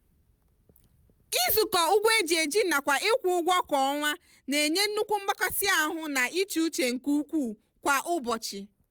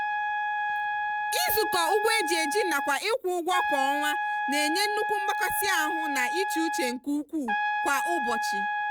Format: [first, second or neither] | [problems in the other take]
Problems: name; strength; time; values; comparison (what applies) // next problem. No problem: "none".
first | background sound (Trumpet); 1 dB above the speech